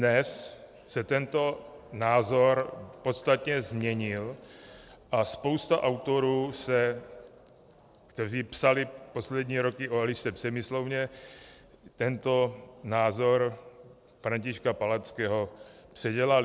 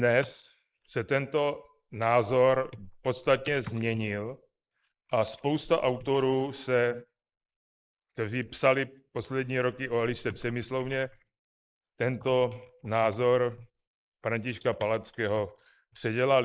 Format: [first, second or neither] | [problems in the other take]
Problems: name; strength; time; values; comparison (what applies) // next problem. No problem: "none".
first | noise reduction (neural mask model Resemble Enhance denoiser)